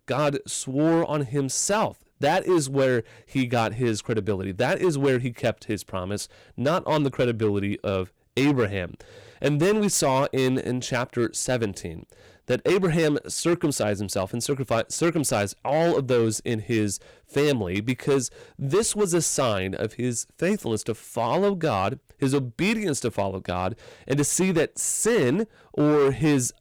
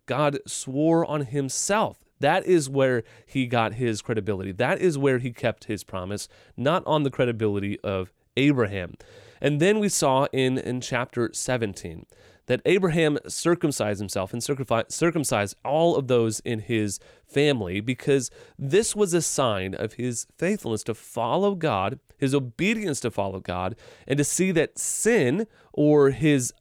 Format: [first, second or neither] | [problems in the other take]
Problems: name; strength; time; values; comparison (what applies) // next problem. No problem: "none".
second | distortion; slight; 7% of the sound clipped